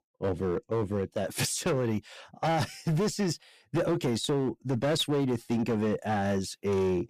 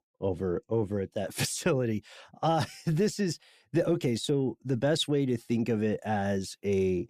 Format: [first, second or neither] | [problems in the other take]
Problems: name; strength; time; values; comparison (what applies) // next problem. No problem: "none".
second | distortion; slight; 15% of the sound clipped